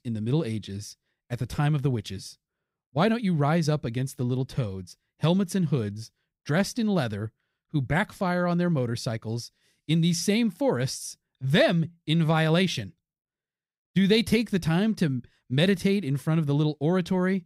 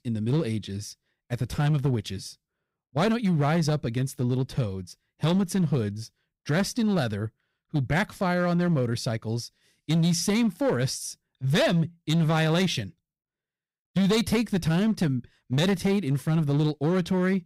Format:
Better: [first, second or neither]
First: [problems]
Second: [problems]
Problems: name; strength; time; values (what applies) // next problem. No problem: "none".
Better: first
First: none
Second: distortion; slight; 8% of the sound clipped